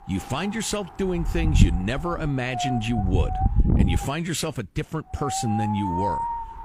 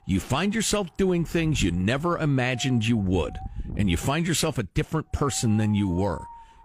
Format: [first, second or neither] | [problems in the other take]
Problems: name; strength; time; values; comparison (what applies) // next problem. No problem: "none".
second | wind noise on the microphone; heavy; as loud as the speech; occasional gusts in the second